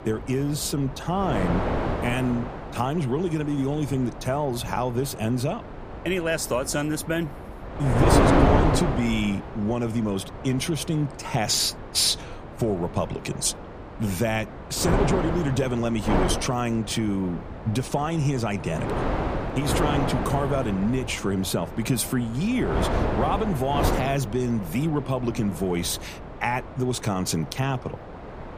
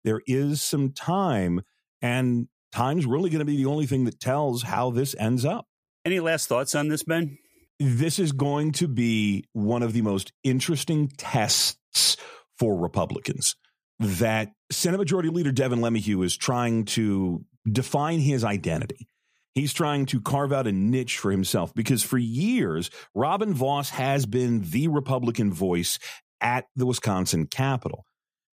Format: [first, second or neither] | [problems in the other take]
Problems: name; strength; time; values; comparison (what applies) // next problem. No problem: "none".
second | wind noise on the microphone; heavy; 3 dB below the speech